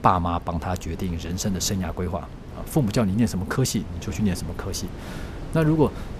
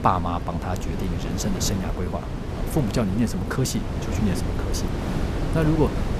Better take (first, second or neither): first